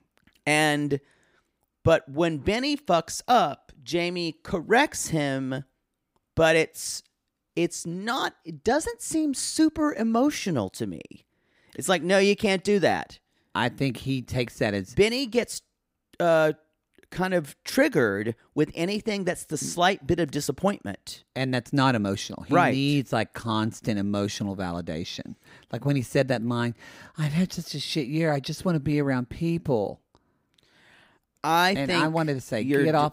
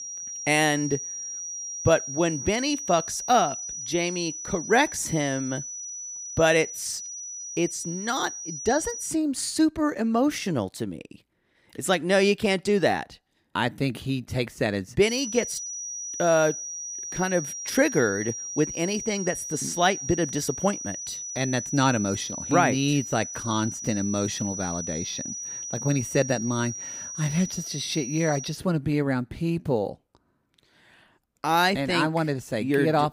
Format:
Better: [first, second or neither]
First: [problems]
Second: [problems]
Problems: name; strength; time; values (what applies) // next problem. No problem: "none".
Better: first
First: none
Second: high-pitched whine; loud; until 9 s and from 15 to 28 s; 6 kHz, 7 dB below the speech